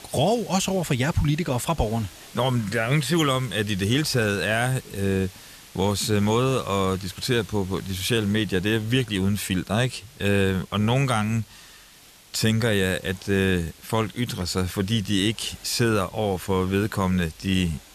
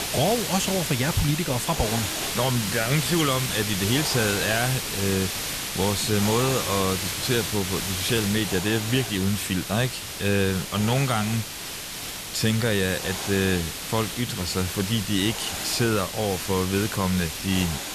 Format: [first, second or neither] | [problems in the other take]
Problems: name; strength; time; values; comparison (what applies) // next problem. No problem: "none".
first | hiss; loud; throughout; 3 dB below the speech; faint in the first